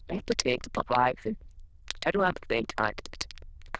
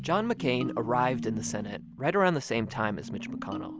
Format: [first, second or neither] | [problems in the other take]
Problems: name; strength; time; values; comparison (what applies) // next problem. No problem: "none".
second | noise reduction (neural diffusion model UNIVERSE++)